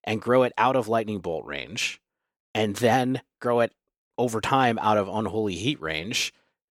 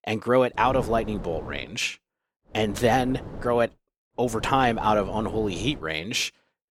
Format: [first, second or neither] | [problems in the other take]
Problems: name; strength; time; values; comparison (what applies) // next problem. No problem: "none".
first | wind noise on the microphone; occasional gusts; at 0.5 s, from 2.5 to 3.5 s and from 4.5 to 6 s; 20 dB below the speech